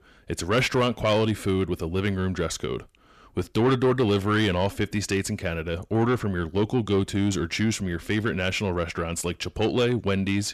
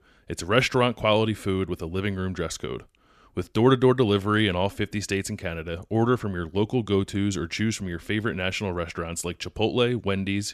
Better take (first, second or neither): second